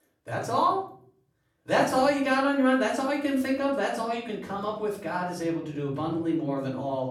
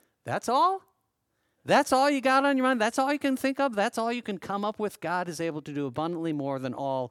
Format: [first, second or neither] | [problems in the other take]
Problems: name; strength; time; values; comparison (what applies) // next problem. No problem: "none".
second | off-mic speech; far // room echo; noticeable; dies away in 0.8 s